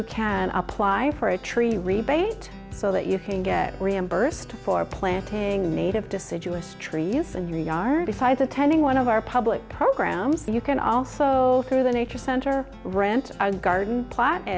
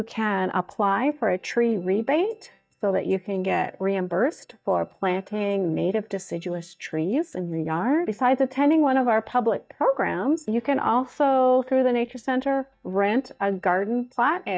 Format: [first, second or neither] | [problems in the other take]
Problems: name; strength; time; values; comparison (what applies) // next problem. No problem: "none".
first | noise reduction (neural mask model DeepFilterNet 3)